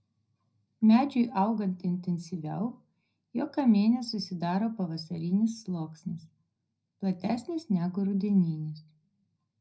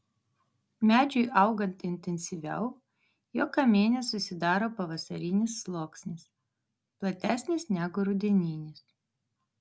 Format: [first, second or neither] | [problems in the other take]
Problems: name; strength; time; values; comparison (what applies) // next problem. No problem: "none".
second | room echo; dies away in 0.4 s